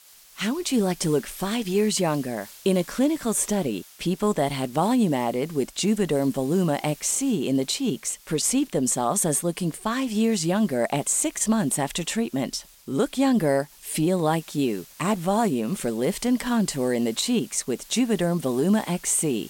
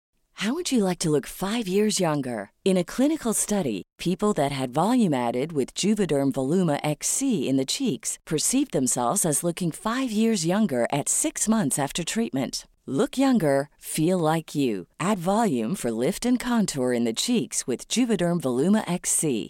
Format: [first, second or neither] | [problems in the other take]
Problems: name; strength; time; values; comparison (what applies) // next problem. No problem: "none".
second | hiss; faint; throughout; 20 dB below the speech